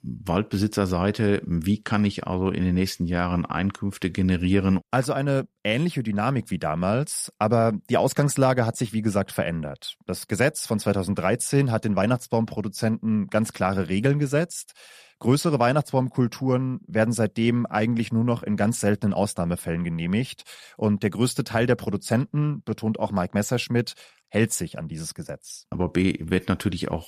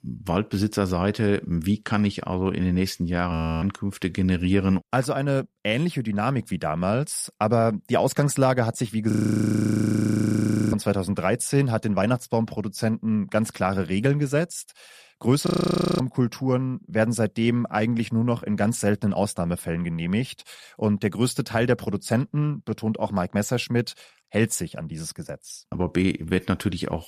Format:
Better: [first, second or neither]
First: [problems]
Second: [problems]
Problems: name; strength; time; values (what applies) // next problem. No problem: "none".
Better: first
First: none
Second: audio freezing; at 3.5 s, at 9 s for 1.5 s and at 15 s for 0.5 s